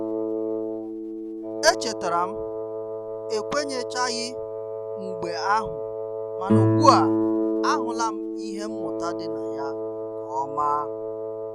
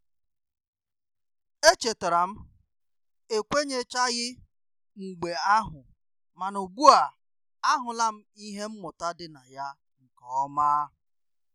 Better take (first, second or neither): second